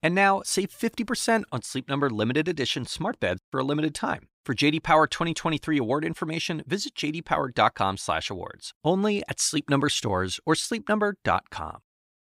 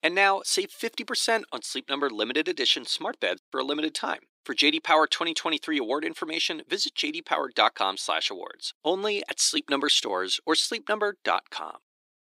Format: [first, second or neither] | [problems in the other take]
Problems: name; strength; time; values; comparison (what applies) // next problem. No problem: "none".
first | thin; somewhat; fading below 350 Hz